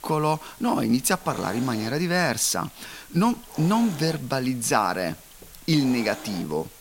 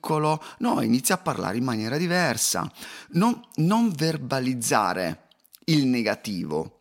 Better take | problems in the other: second | hiss; noticeable; throughout; 15 dB below the speech

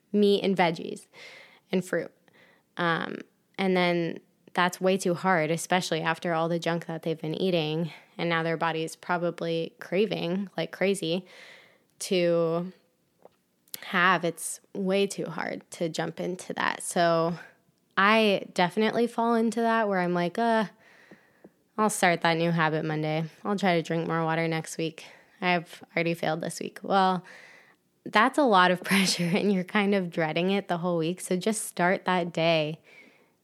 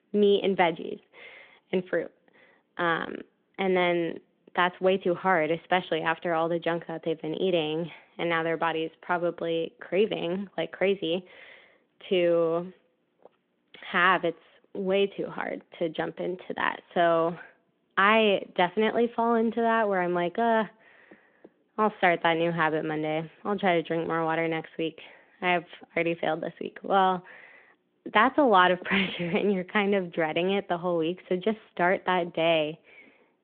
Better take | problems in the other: first | phone-call audio

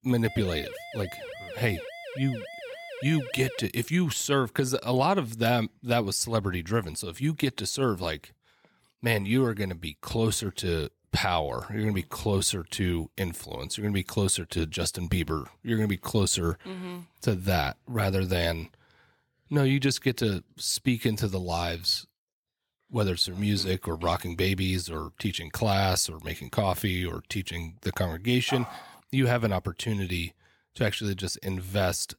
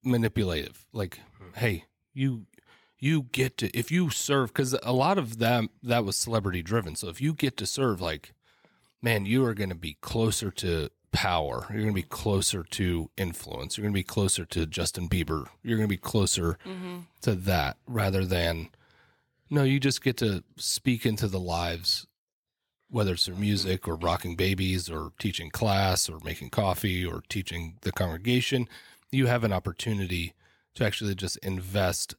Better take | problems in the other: second | siren; faint; until 3.5 s; peak 10 dB below the speech // dog barking; noticeable; at 28 s; peak 9 dB below the speech

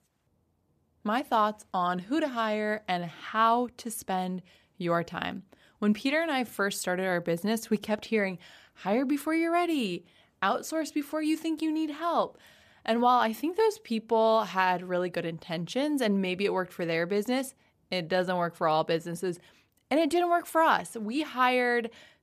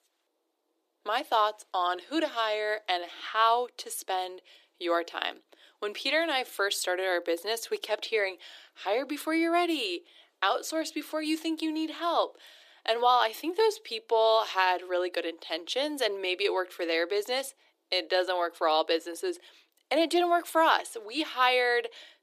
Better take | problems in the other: first | thin; very; fading below 300 Hz

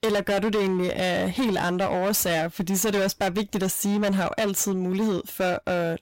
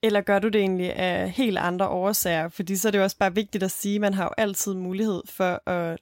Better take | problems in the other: second | distortion; heavy; 23% of the sound clipped

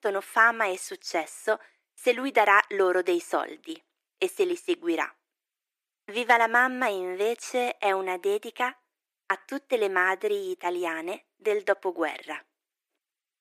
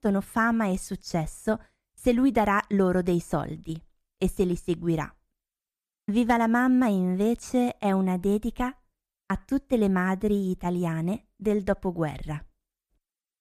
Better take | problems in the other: second | thin; very; fading below 350 Hz

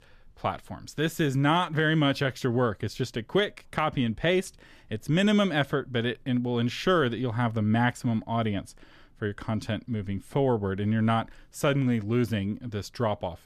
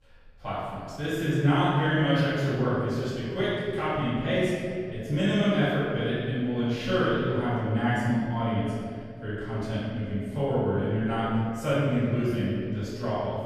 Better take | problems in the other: first | room echo; strong; dies away in 2.1 s // off-mic speech; far

